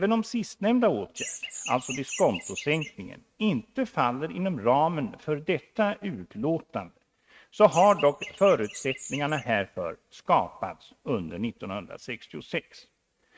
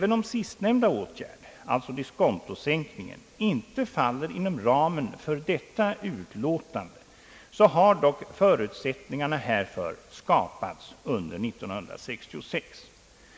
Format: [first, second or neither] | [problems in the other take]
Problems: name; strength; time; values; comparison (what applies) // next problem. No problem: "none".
second | noise reduction (neural mask model RNNoise)